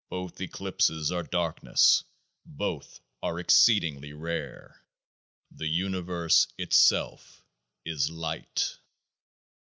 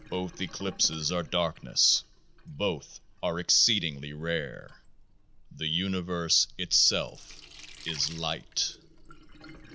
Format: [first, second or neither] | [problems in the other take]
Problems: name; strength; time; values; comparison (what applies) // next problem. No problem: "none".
first | background sound (Sink (filling or washing)); 19 dB below the speech